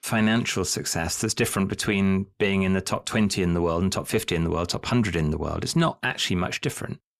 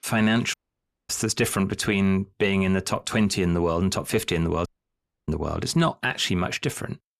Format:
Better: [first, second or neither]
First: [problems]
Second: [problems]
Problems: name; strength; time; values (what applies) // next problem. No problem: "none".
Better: first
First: none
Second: audio cutting out; at 0.5 s for 0.5 s and at 4.5 s for 0.5 s